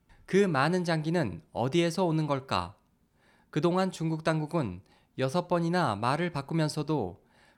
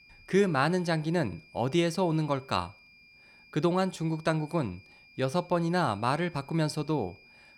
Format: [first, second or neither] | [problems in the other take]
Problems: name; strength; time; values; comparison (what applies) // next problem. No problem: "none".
first | high-pitched whine; faint; throughout; 2.5 kHz, 25 dB below the speech